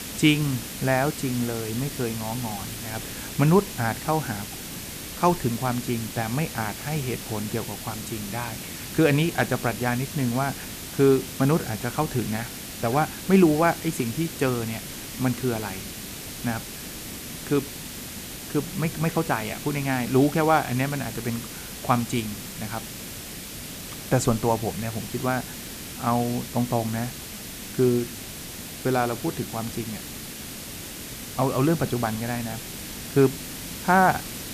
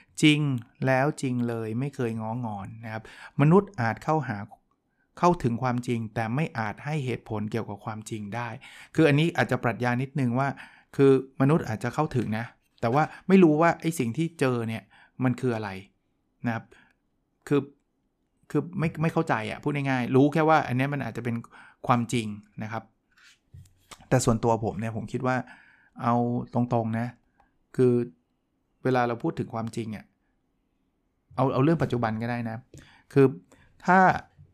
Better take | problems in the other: second | hiss; loud; throughout; 9 dB below the speech

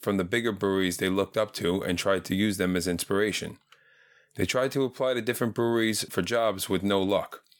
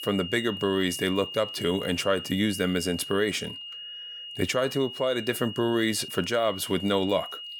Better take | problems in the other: first | high-pitched whine; loud; throughout; 3 kHz, 9 dB below the speech

